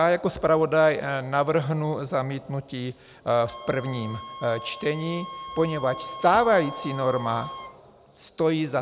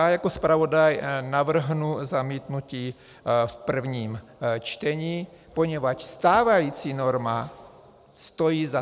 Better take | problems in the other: second | background sound (Wind instrument, woodwind instrument); 16 dB below the speech

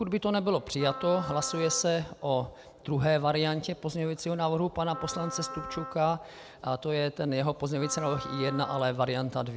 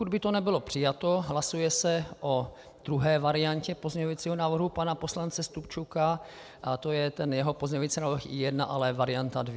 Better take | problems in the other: second | background sound (Wind instrument, woodwind instrument); 12 dB below the speech

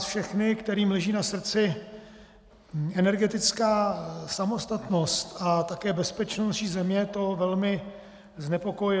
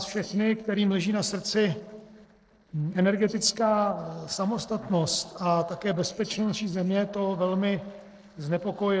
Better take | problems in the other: first | noise reduction (neural separator model SepFormer DNS4)

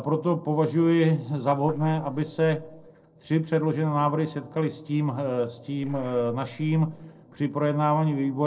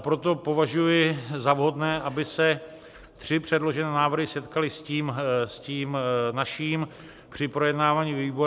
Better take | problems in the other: second | noise reduction (neural separator model SepFormer DNS4)

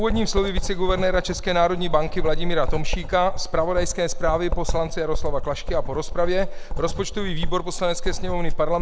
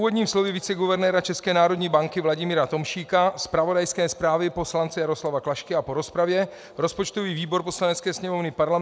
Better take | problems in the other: second | background sound (Writing); 1 dB above the speech

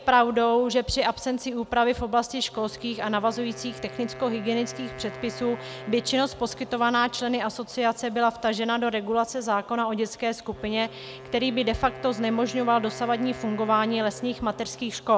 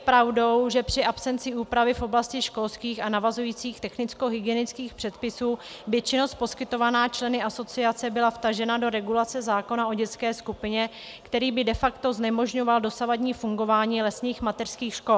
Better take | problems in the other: second | background sound (Wind instrument, woodwind instrument); 17 dB below the speech

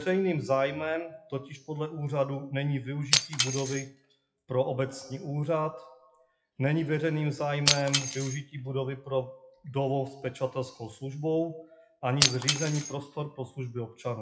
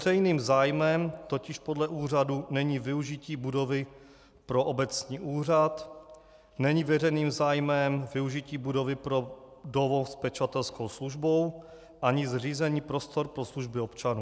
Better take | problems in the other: second | noise reduction (classical method WPE with log-MMSE)

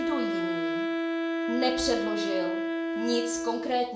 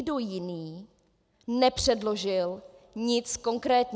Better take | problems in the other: second | background sound (Wind instrument, woodwind instrument); 2 dB above the speech // room echo; dies away in 0.4 s

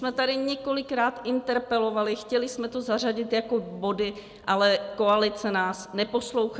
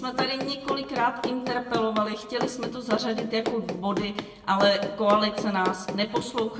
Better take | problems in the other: first | background sound (Run); 6 dB below the speech // room echo; dies away in 0.6 s

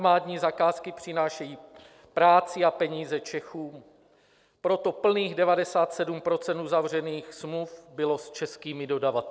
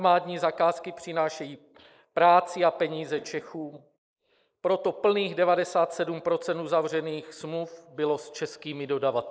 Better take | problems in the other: first | noise reduction (neural mask model Resemble Enhance denoiser)

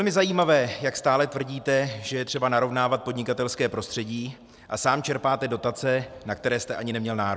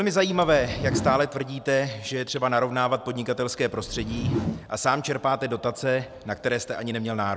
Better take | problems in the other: first | background sound (Whoosh, swoosh, swish); 8 dB below the speech

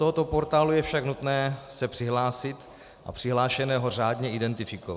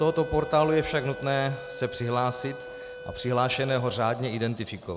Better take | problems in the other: first | background sound (Wind instrument, woodwind instrument); 13 dB below the speech

